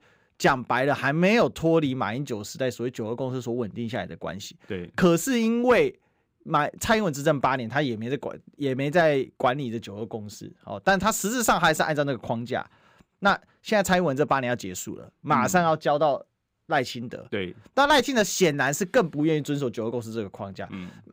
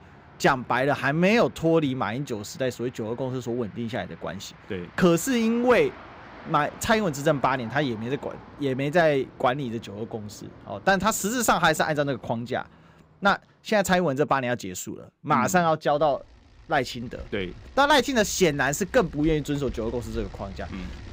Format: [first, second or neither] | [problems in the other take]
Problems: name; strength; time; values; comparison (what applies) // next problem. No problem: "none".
first | traffic noise; faint; throughout; 20 dB below the speech